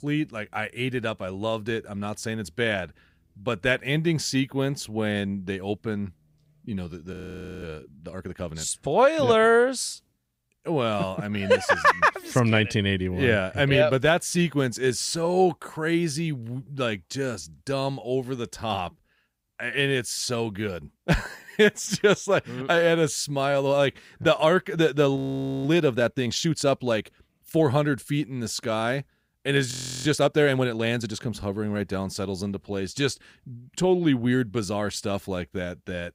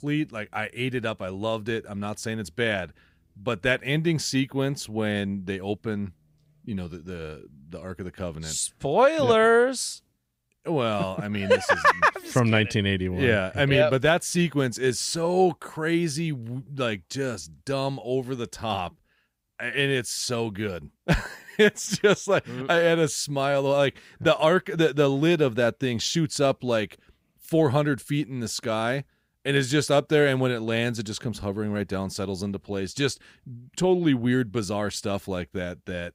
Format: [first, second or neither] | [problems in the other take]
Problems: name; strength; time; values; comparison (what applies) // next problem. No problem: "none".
second | audio freezing; at 7 s, at 25 s and at 30 s